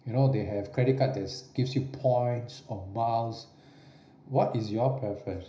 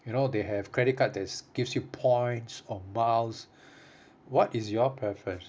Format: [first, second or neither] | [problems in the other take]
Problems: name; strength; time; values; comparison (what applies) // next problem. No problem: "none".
second | room echo; dies away in 0.5 s